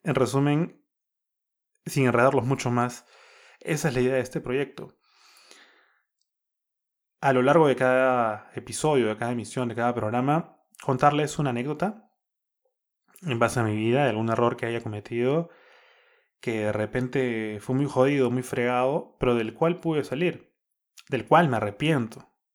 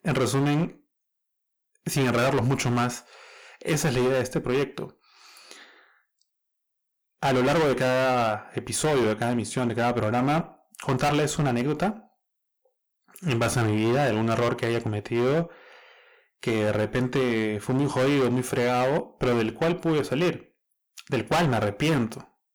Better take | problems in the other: first | distortion; heavy; 18% of the sound clipped

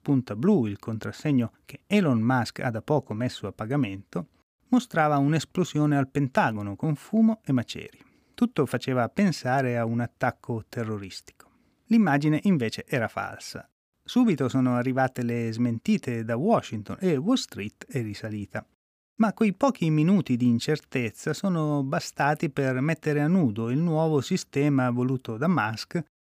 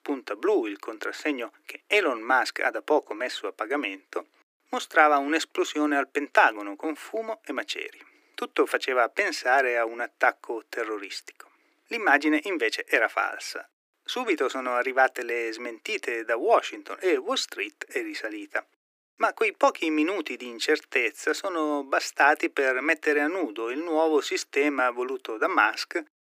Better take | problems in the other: first | thin; very; fading below 300 Hz

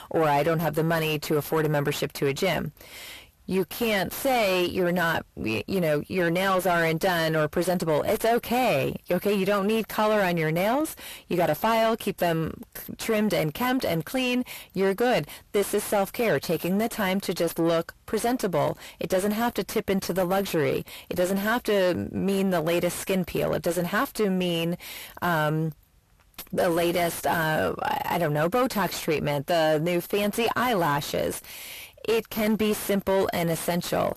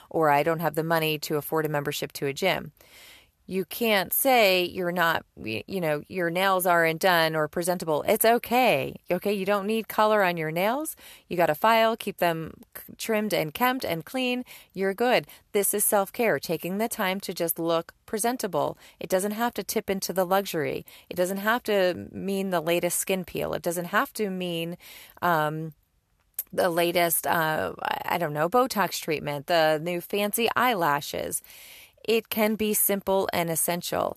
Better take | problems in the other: second | distortion; heavy; 5 dB below the speech

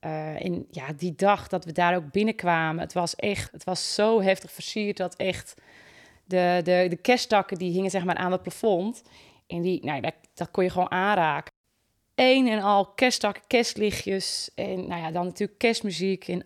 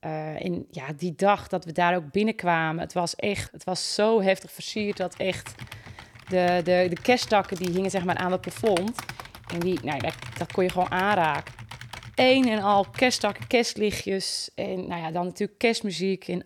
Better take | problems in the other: first | keyboard typing; noticeable; from 5 to 13 s; peak 8 dB below the speech

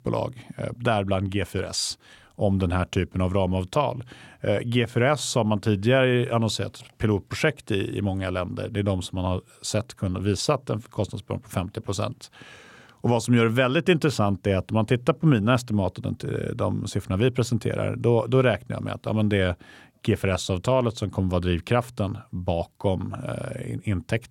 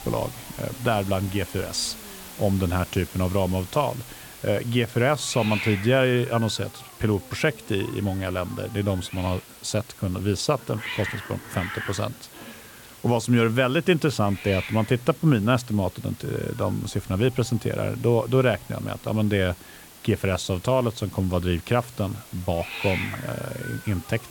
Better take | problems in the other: first | hiss; noticeable; throughout; 15 dB below the speech

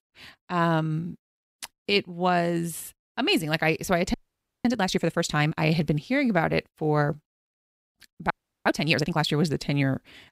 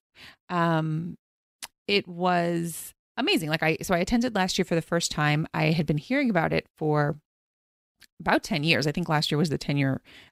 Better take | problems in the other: second | audio freezing; at 4 s for 0.5 s and at 8.5 s

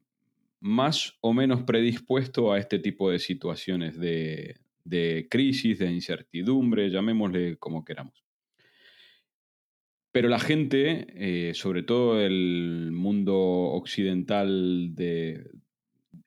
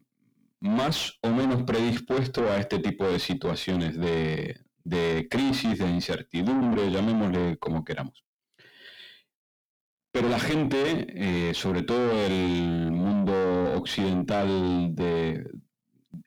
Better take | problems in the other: first | distortion; heavy; 6 dB below the speech

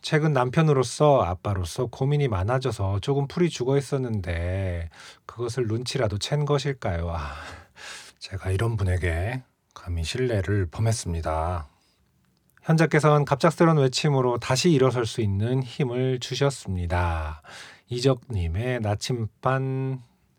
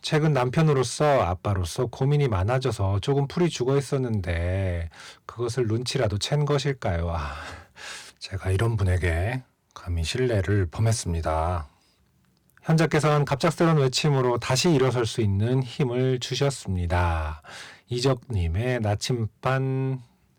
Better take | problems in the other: first | distortion; slight; 4% of the sound clipped

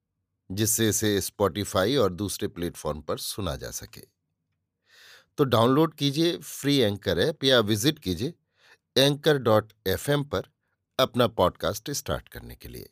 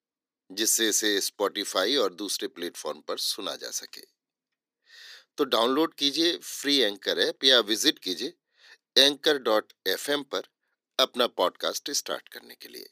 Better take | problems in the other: first | thin; very slightly; fading below 300 Hz

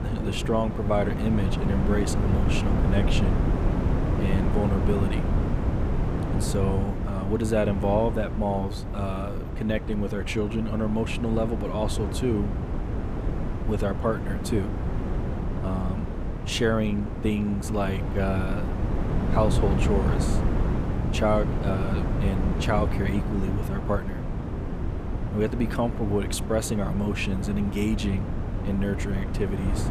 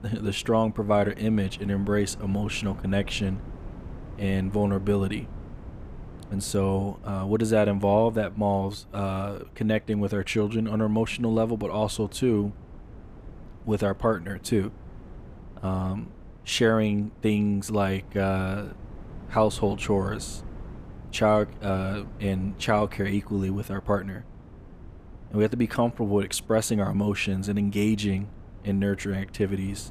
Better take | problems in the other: second | wind noise on the microphone; heavy; 5 dB below the speech; occasional gusts in the second

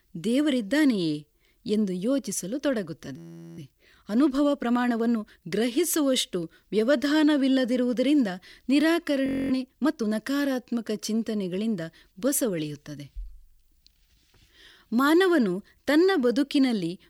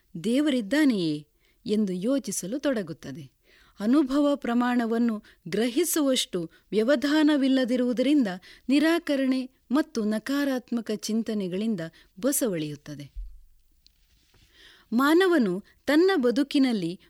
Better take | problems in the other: second | audio freezing; at 3 s and at 9.5 s

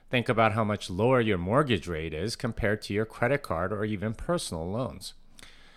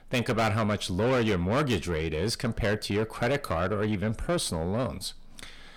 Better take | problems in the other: first | distortion; heavy; 7 dB below the speech

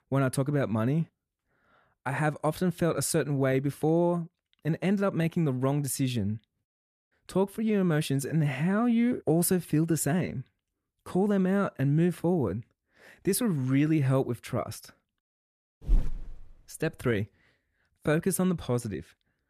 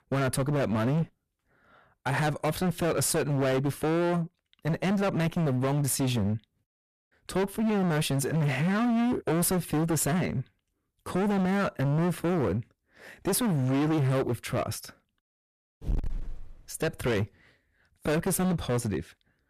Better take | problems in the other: first | distortion; heavy; 24% of the sound clipped

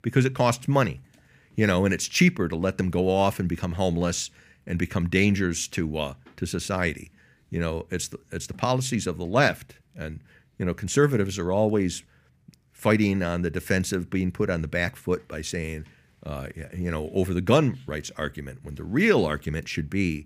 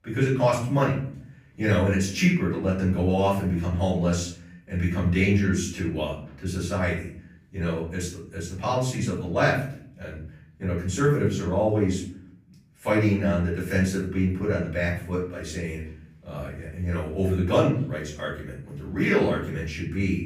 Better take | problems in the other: first | off-mic speech; far // room echo; noticeable; dies away in 0.6 s

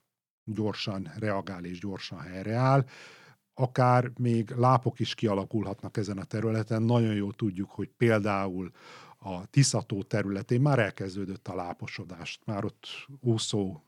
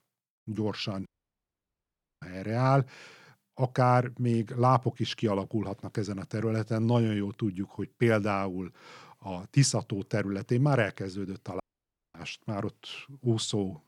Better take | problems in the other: first | audio cutting out; at 1 s for 1 s and at 12 s for 0.5 s

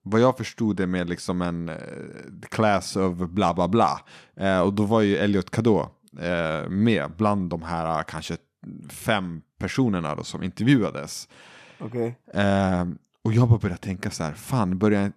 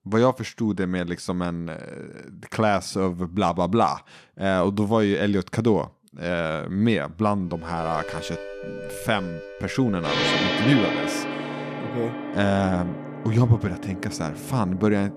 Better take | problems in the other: first | background music; loud; from 8 s on; 5 dB below the speech

